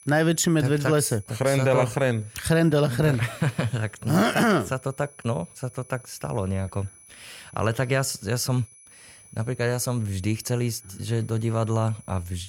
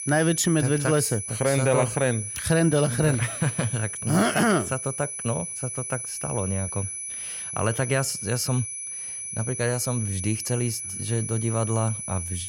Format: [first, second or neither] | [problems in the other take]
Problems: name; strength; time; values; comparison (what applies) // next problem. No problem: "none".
first | high-pitched whine; loud; throughout; 10 kHz, 5 dB below the speech; faint in the first